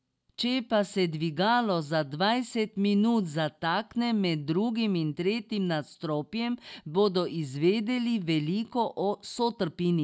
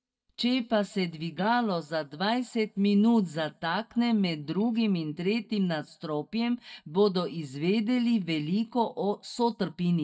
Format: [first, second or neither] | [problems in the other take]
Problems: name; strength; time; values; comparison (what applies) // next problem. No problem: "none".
first | noise reduction (neural mask model DeepFilterNet 3)